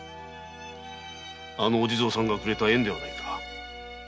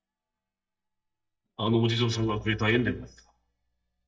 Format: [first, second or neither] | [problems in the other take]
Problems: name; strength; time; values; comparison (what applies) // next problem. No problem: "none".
first | noise reduction (neural mask model DeepFilterNet 3)